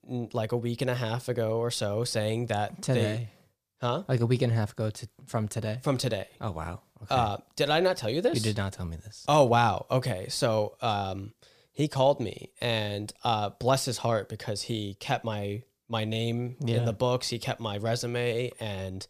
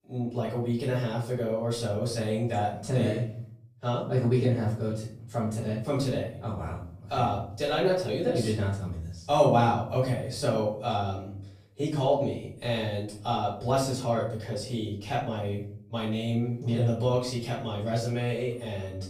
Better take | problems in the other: first | off-mic speech; far // room echo; noticeable; dies away in 0.6 s

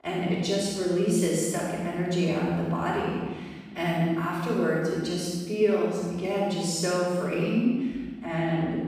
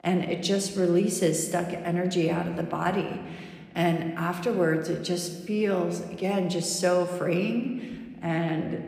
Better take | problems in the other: second | room echo; strong; dies away in 1.4 s; slight in the second // off-mic speech; far

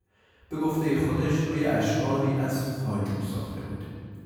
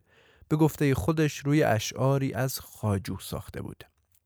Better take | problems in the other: second | off-mic speech; far // room echo; strong; dies away in 2.1 s

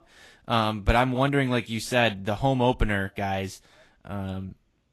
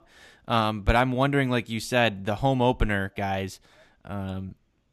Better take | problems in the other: second | garbled, watery; slightly; nothing above 12.5 kHz

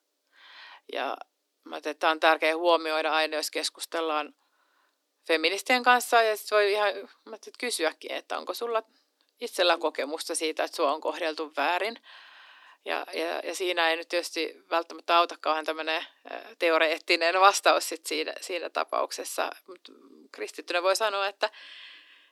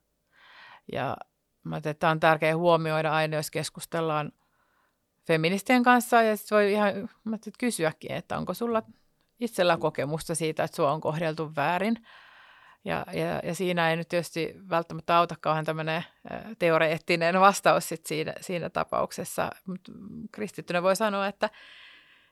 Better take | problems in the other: second | thin; very; fading below 300 Hz

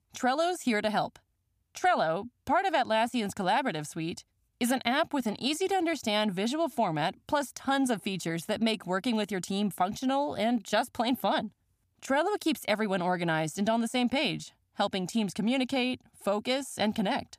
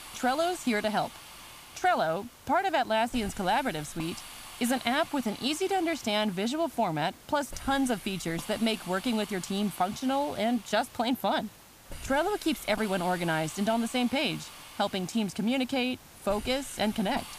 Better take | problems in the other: first | hiss; noticeable; throughout; 15 dB below the speech

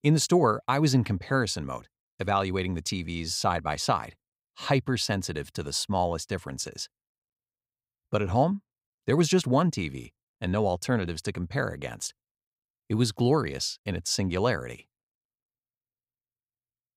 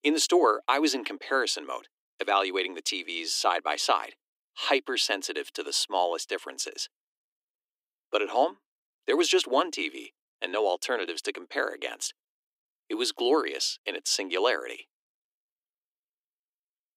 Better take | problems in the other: first | thin; somewhat; fading below 300 Hz

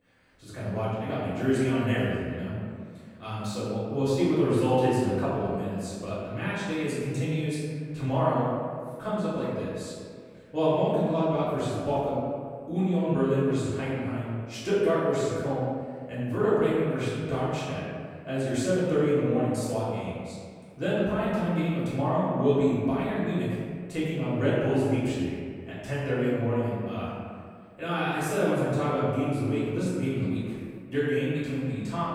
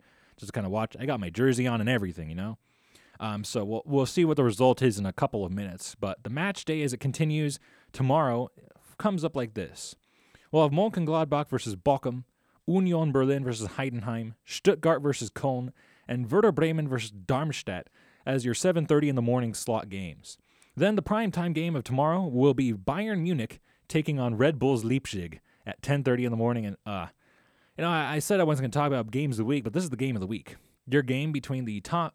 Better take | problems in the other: second | room echo; strong; dies away in 1.8 s // off-mic speech; far

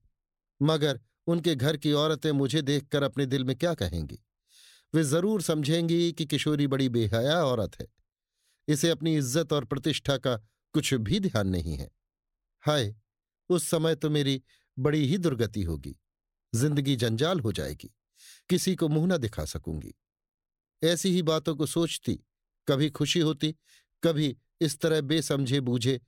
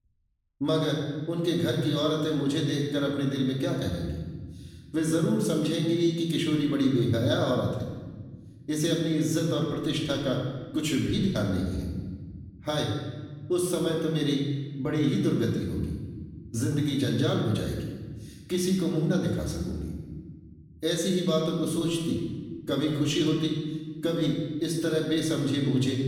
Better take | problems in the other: first | room echo; noticeable; dies away in 1.5 s // off-mic speech; far

